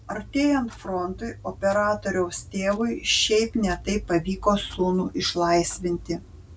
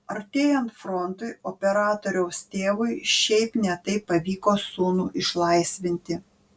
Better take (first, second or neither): second